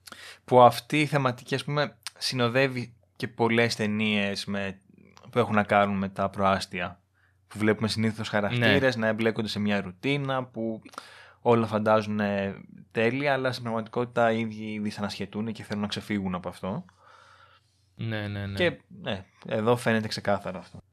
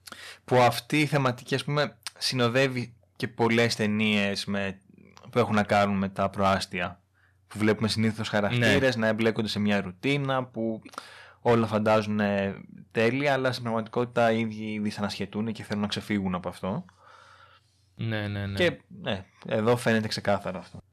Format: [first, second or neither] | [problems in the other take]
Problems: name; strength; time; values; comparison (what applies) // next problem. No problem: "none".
first | distortion; slight; 2% of the sound clipped